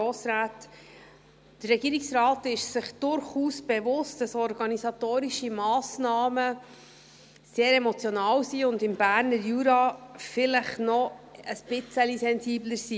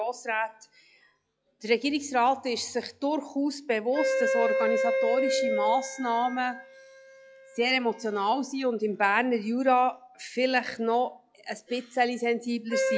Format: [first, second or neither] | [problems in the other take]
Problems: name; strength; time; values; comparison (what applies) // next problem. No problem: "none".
first | noise reduction (classical method log-MMSE)